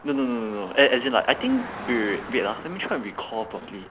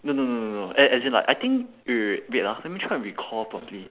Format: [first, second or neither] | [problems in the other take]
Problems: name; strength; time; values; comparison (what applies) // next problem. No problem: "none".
second | background sound (Car passing by); 14 dB below the speech